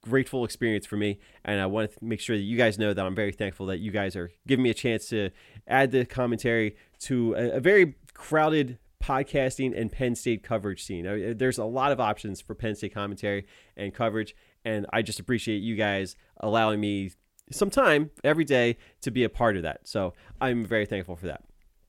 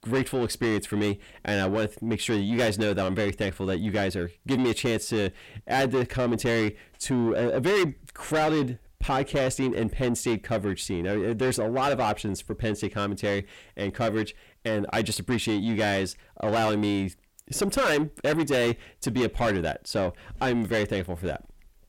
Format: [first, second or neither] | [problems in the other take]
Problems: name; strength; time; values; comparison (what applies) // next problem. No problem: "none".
first | distortion; heavy; 7 dB below the speech